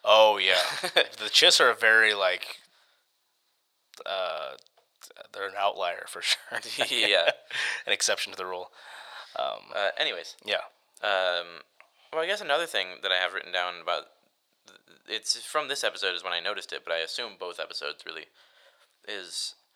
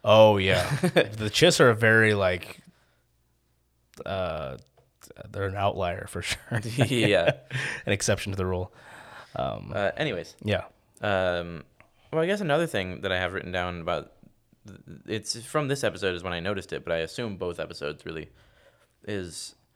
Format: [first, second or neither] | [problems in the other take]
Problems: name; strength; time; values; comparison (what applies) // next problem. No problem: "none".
second | thin; very; fading below 750 Hz